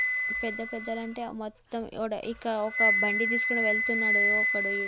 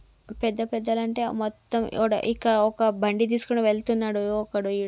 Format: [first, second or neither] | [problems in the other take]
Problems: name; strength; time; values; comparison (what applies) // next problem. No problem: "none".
second | background sound (Wind instrument, woodwind instrument); 4 dB above the speech